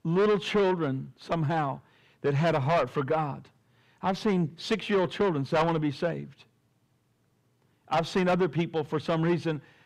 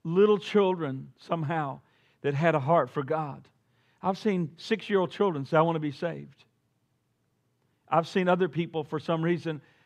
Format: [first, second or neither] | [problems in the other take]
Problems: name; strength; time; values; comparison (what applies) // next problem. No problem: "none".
second | distortion; heavy; 7 dB below the speech